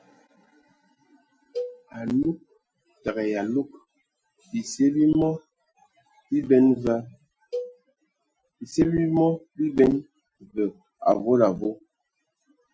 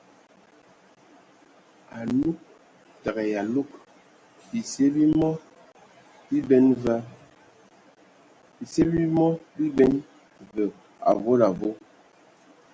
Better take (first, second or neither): second